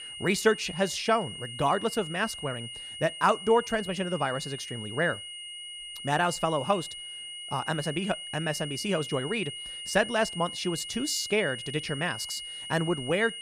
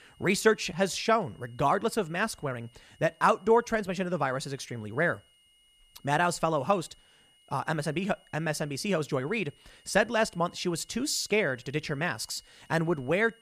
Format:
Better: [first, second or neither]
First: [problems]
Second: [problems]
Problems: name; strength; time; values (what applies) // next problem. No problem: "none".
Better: second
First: high-pitched whine; loud; throughout; 3 kHz, 8 dB below the speech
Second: high-pitched whine; faint; throughout; 3 kHz, 30 dB below the speech